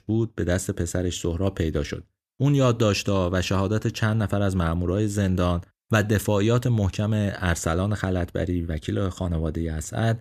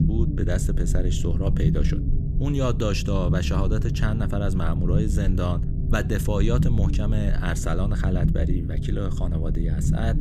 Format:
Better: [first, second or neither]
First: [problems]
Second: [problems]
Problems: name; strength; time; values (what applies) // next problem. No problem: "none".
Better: first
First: none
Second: low rumble; loud; throughout; 6 dB below the speech